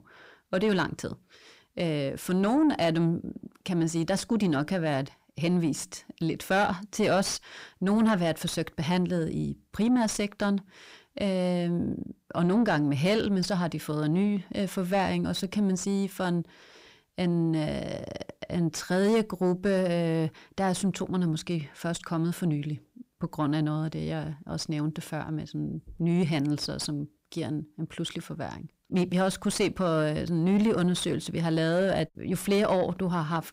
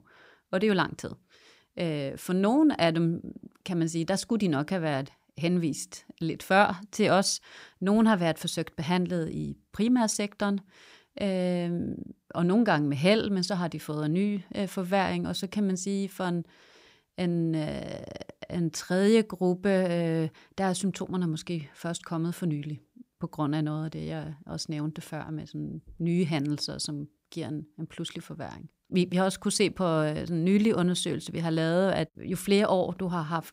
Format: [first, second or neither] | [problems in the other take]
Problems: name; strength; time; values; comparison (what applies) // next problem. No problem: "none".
second | distortion; slight; 10 dB below the speech